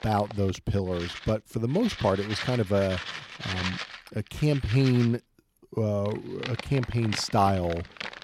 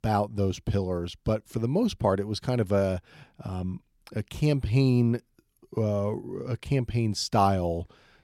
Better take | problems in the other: second | household noises; loud; throughout; 10 dB below the speech

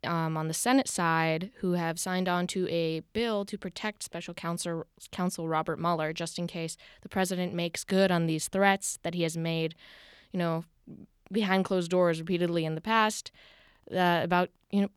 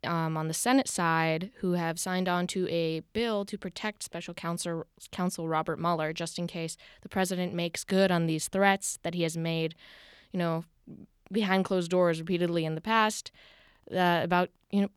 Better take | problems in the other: neither | none

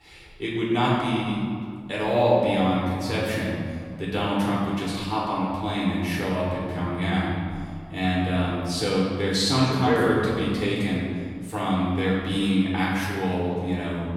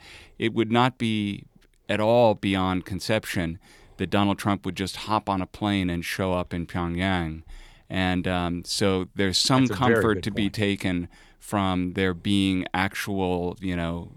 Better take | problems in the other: second | room echo; strong; dies away in 1.8 s // off-mic speech; far

